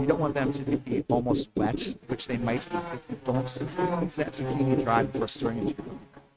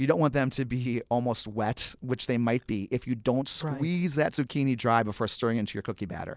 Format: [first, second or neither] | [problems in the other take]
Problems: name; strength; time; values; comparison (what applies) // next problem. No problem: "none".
second | noise reduction (neural mask model RNNoise)